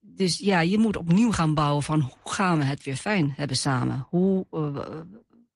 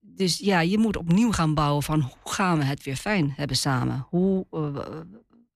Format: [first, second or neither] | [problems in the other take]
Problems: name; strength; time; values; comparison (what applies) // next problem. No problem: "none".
second | garbled, watery; slightly; nothing above 10.5 kHz